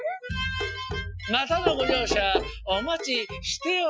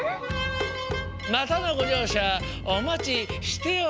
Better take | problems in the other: second | noise reduction (classical method Wiener filter)

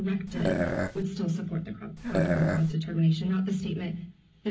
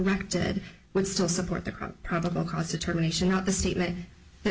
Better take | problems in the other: second | background sound (Burping, eructation); as loud as the speech // room echo; dies away in 0.4 s

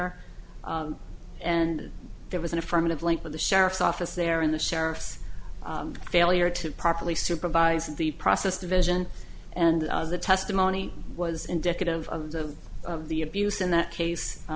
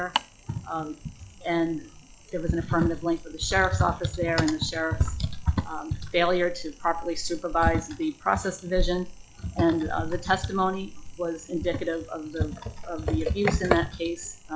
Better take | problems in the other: first | noise reduction (classical method log-MMSE)

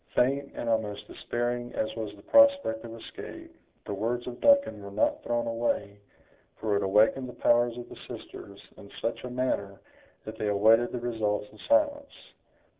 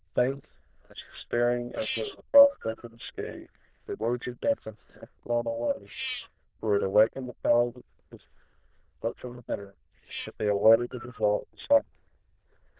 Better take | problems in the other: first | noise reduction (neural diffusion model UNIVERSE++)

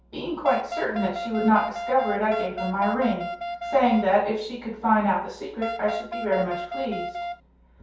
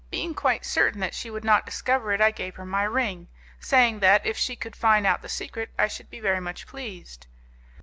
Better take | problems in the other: second | background sound (Wind instrument, woodwind instrument); 7 dB below the speech // room echo; dies away in 0.6 s

